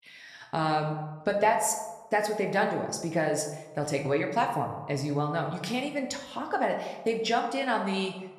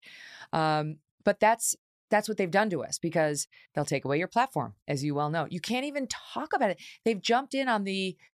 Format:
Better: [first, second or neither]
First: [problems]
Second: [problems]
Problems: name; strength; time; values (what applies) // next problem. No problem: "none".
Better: second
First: room echo; slight; dies away in 0.8 s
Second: none